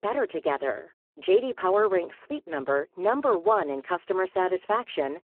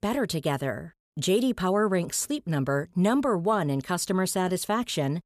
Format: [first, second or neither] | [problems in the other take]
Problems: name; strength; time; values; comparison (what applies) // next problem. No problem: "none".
second | phone-call audio; poor line